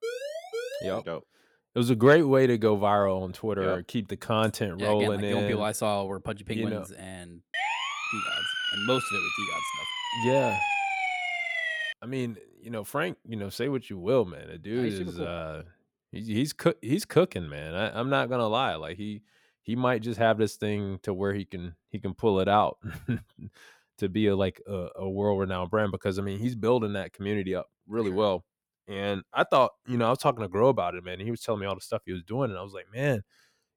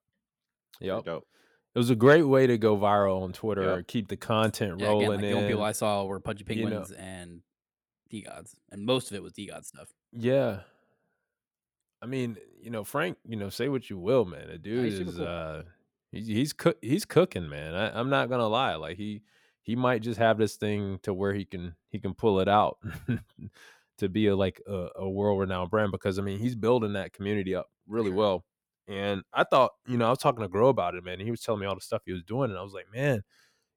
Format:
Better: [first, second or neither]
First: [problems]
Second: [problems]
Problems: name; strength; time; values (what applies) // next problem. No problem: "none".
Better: second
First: siren; noticeable; at the start; peak 7 dB below the speech // siren; loud; from 7.5 to 12 s; peak 2 dB above the speech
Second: none